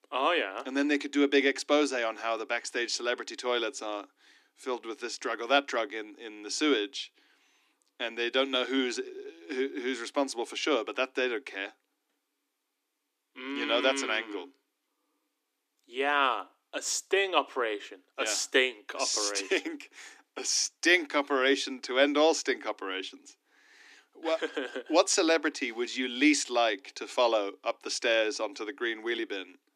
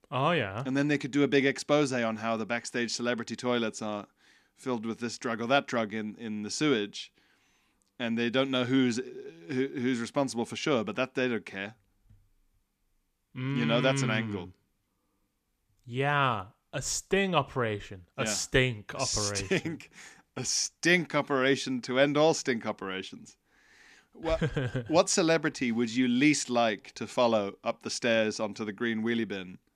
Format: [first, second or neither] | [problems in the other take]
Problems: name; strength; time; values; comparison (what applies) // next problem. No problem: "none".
second | thin; very slightly; fading below 300 Hz